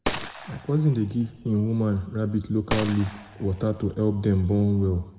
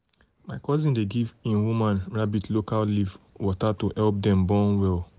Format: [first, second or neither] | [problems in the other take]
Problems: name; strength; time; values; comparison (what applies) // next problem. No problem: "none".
second | background sound (Gunshot, gunfire); 12 dB below the speech // room echo; dies away in 1.1 s